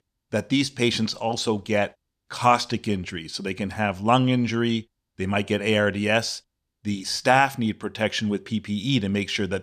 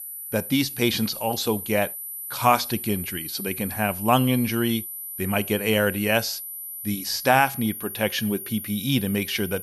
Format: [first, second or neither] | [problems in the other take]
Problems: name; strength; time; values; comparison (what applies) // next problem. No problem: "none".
first | high-pitched whine; loud; throughout; 12 kHz, 8 dB below the speech